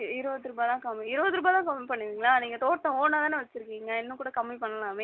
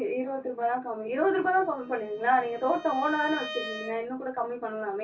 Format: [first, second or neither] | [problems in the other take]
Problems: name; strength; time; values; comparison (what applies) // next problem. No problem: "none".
first | background sound (Bowed string instrument); 14 dB below the speech // room echo; dies away in 0.3 s